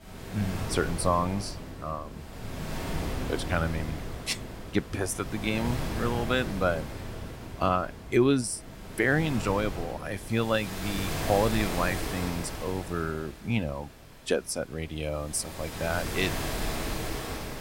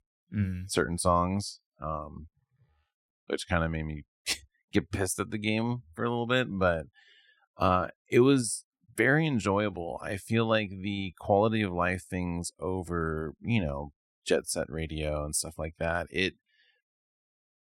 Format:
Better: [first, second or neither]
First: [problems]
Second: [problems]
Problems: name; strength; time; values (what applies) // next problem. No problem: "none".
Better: second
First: rain or running water; loud; throughout; 6 dB below the speech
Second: none